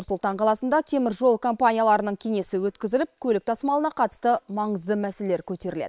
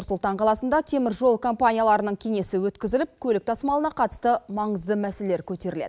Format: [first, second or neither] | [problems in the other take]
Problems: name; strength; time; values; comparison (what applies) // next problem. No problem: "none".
second | noise reduction (neural separator model SepFormer WHAM!)